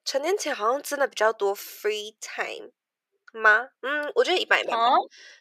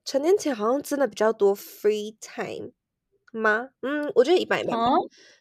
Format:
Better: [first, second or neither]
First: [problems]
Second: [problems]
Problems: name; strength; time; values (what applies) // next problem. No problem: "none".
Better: second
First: thin; somewhat; fading below 600 Hz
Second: none